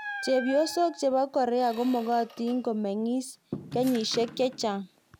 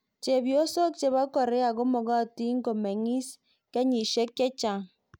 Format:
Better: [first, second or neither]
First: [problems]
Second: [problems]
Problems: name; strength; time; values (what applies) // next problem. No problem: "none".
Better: second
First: background sound (Squeak); 15 dB below the speech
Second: none